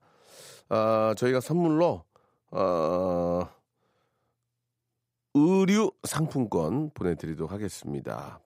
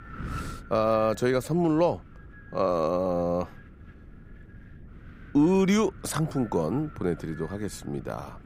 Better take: first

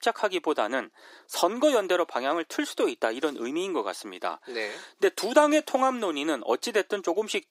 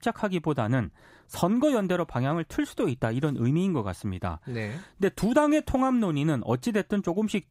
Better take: second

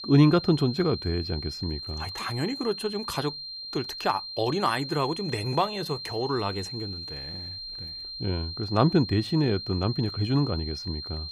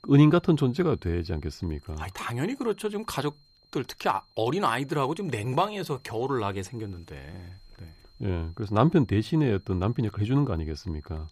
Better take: second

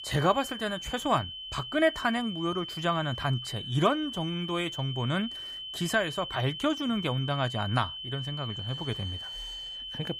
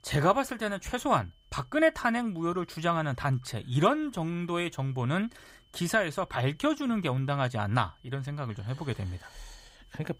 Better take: second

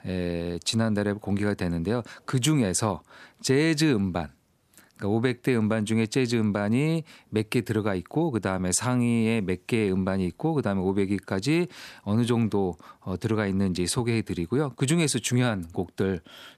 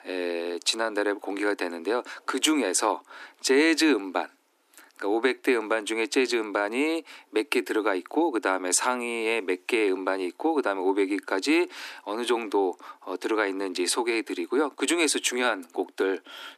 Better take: first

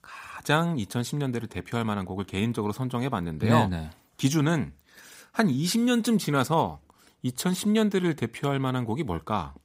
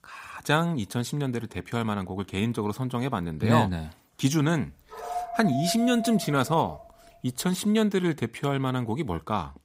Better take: first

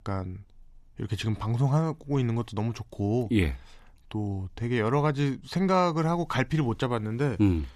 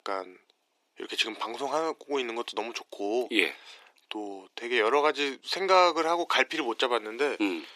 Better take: first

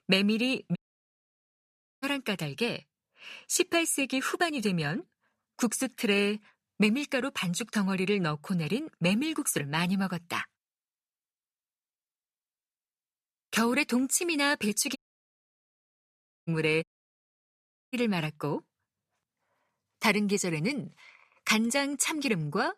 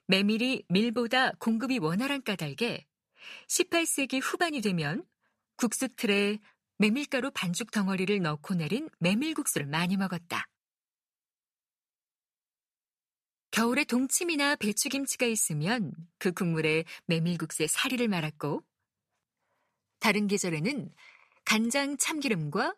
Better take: second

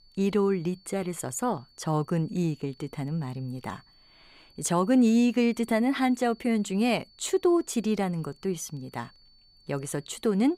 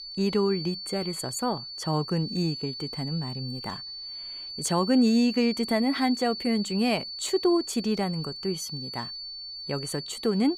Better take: first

